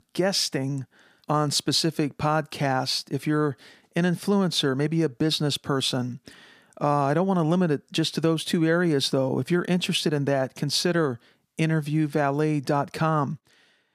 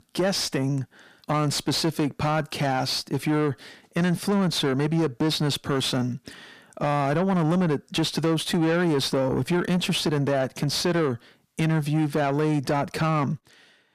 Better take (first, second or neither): first